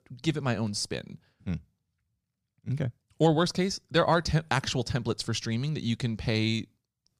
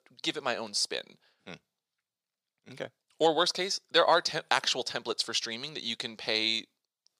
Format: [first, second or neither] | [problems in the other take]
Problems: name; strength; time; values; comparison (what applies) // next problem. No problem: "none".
first | thin; very; fading below 550 Hz